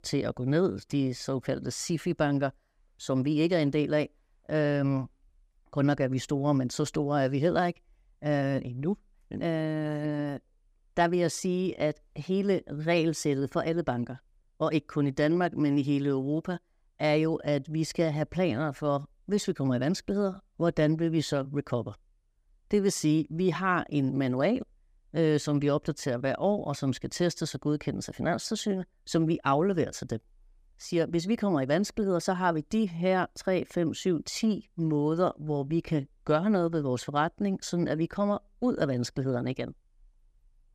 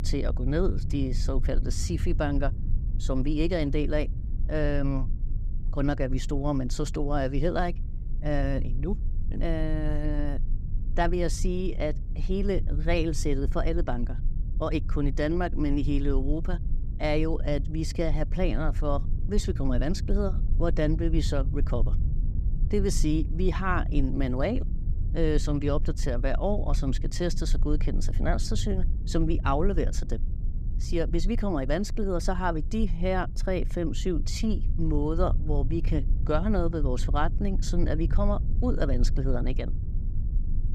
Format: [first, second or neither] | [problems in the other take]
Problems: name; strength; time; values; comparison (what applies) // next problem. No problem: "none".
first | low rumble; noticeable; throughout; 15 dB below the speech